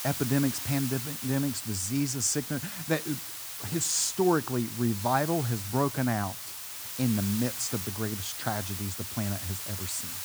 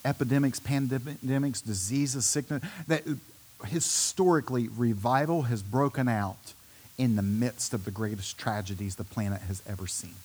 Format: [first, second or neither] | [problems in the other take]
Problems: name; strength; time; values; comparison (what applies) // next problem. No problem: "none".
second | hiss; loud; throughout; 5 dB below the speech; faint in the second